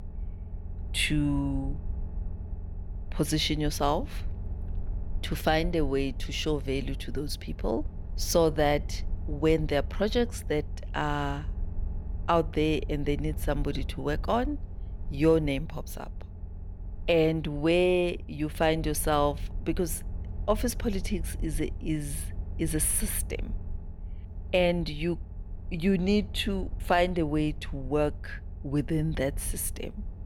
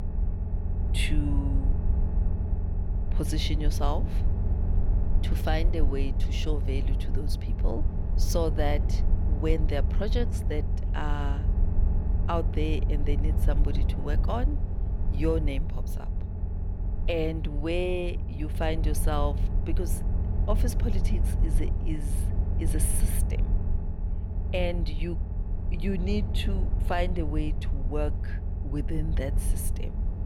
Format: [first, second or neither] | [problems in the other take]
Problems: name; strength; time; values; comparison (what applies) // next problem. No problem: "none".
first | low rumble; loud; throughout; 9 dB below the speech; faint in the first